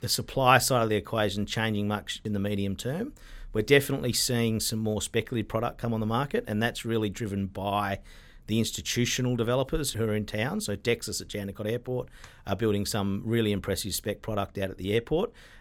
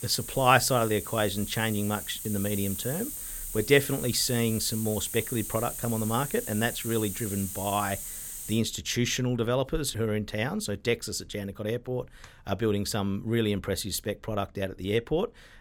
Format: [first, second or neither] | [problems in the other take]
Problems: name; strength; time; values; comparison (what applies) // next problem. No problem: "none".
first | hiss; loud; until 8.5 s; 6 dB below the speech